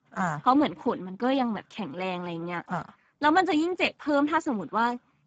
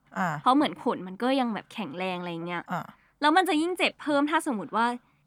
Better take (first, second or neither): second